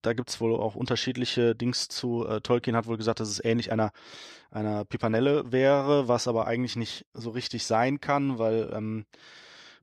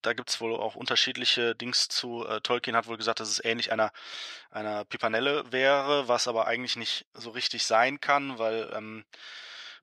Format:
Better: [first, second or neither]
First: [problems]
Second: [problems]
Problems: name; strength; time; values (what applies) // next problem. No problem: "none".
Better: first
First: none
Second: thin; somewhat; fading below 750 Hz